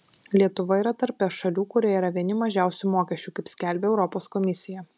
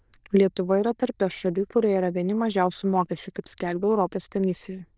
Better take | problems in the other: first | noise reduction (neural diffusion model UNIVERSE++)

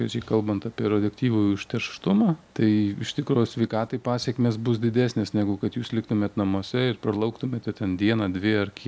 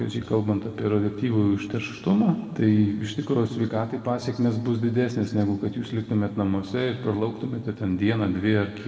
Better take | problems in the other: first | room echo; dies away in 1.9 s

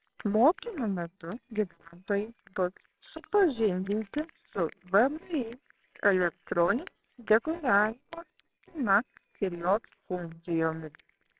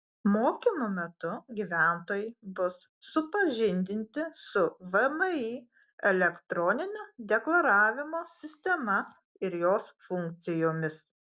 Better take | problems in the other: second | noise reduction (neural separator model SepFormer WHAMR!)

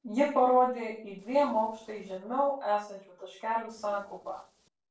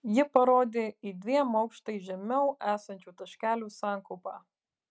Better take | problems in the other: second | noise reduction (neural separator model SepFormer DNS4)

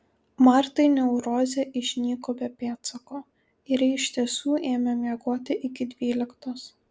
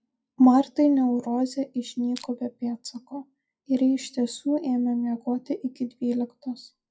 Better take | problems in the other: first | noise reduction (classical method WPE with log-MMSE)

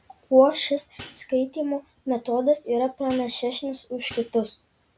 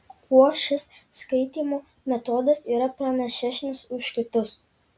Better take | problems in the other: second | background sound (Hi-hat); 19 dB below the speech

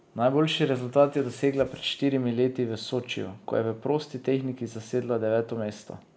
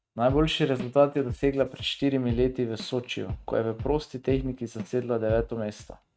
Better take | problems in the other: first | noise reduction (neural mask model RNNoise)

